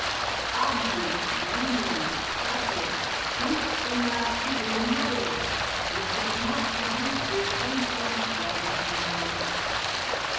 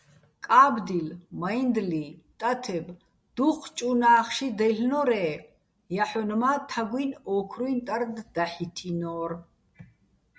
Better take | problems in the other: second | background sound (Stream); 5 dB above the speech // room echo; dies away in 1.3 s

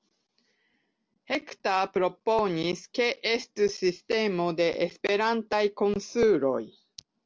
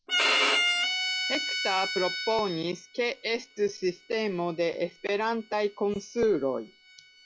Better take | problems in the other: first | noise reduction (classical method log-MMSE)

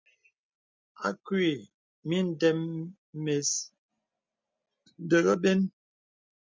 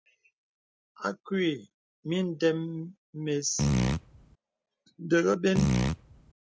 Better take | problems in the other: first | background sound (Fart); 4 dB above the speech

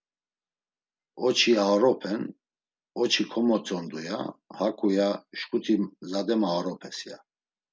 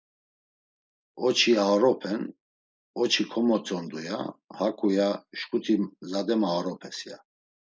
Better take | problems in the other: first | noise reduction (neural mask model Resemble Enhance denoiser)

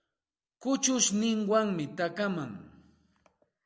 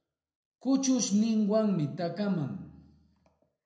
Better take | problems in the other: first | room echo; dies away in 0.4 s

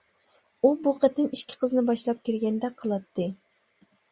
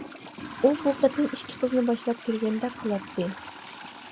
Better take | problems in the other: first | background sound (Trickle, dribble / Toilet flush); 14 dB below the speech

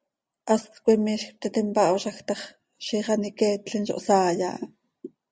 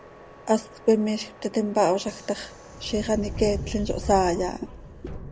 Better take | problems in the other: first | background sound (Subway, metro, underground); 11 dB below the speech

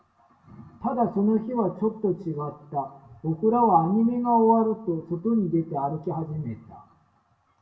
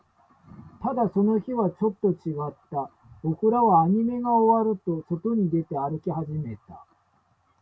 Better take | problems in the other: second | room echo; dies away in 0.7 s

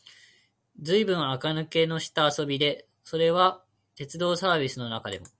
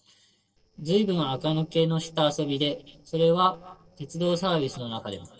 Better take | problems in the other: first | noise reduction (neural separator model SepFormer DNS4)

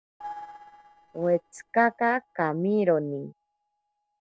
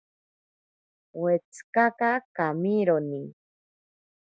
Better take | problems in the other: second | noise reduction (neural separator model SepFormer DNS4)

